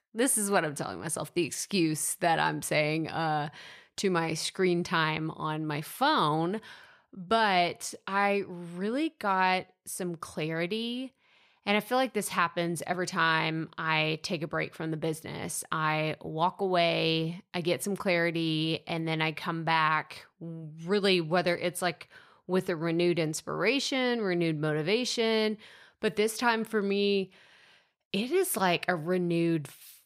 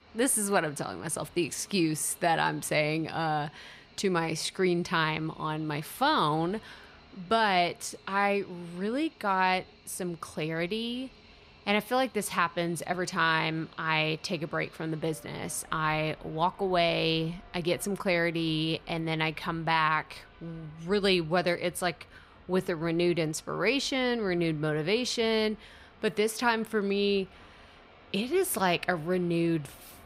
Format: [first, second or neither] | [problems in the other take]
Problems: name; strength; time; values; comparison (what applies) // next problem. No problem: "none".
first | train or aircraft noise; faint; throughout; 25 dB below the speech